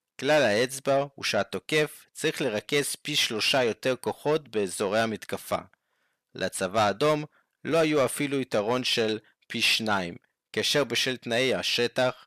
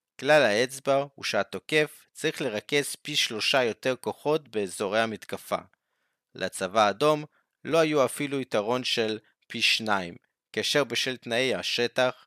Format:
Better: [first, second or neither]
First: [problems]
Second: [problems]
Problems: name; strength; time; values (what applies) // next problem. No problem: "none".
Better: second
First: distortion; slight; 10 dB below the speech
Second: none